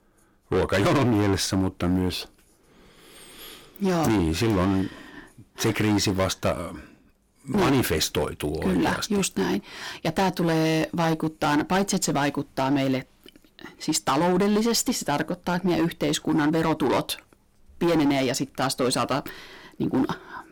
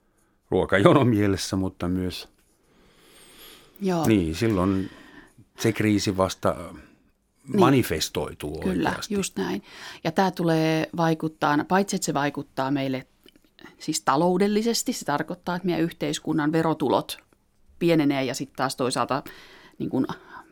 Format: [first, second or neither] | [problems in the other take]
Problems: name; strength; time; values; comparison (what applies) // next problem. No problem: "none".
second | distortion; heavy; 14% of the sound clipped